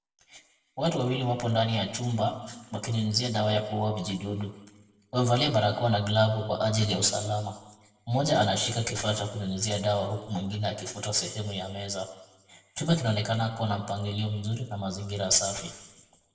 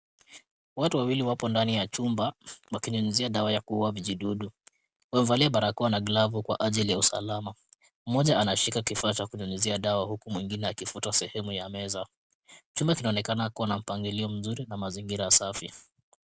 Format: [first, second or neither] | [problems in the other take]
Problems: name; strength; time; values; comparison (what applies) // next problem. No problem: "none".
second | room echo; dies away in 1 s